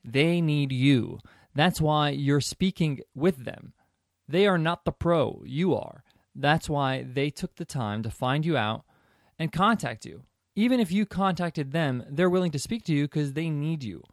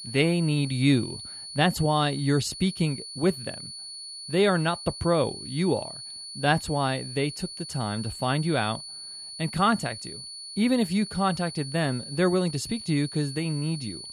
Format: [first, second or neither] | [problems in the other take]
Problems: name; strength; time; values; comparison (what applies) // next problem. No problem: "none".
first | high-pitched whine; noticeable; throughout; 4.5 kHz, 10 dB below the speech